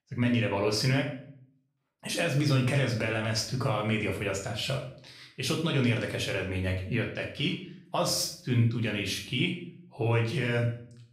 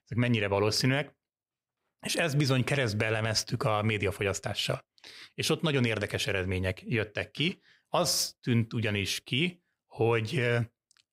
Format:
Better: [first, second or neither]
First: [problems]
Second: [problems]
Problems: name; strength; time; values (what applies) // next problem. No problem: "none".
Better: second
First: room echo; slight; dies away in 0.5 s // off-mic speech; somewhat distant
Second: none